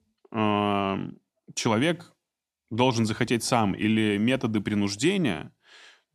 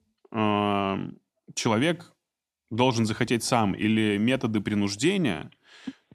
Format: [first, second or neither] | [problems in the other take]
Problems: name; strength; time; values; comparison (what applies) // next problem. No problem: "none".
first | phone ringing; faint; at 6 s; peak 15 dB below the speech